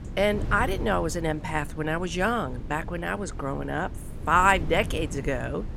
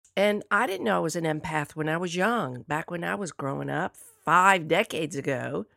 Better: second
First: wind noise on the microphone; occasional gusts; 20 dB below the speech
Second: none

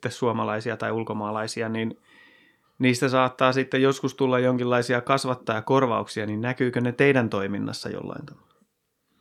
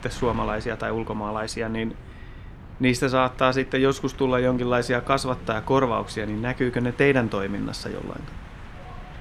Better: first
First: none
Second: wind noise on the microphone; occasional gusts; 20 dB below the speech

